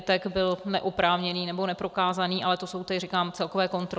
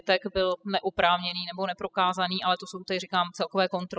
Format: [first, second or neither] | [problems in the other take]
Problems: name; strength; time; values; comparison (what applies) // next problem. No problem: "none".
first | noise reduction (classical method spectral subtraction)